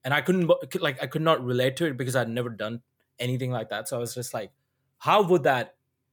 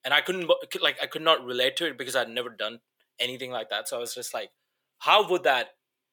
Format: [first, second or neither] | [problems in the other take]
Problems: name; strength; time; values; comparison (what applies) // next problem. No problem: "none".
first | thin; somewhat; fading below 450 Hz